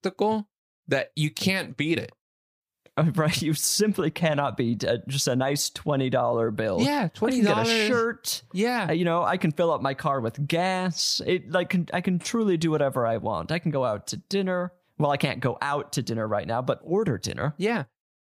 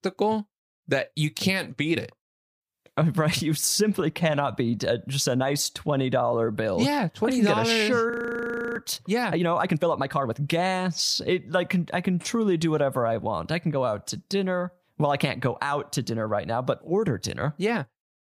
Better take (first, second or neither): first